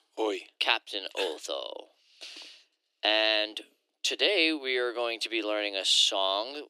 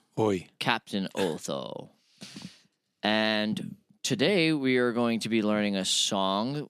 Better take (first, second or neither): second